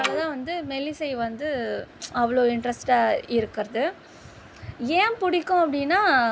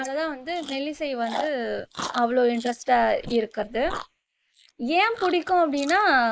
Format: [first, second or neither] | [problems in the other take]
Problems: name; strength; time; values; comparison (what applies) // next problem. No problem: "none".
first | noise reduction (neural mask model Resemble Enhance denoiser)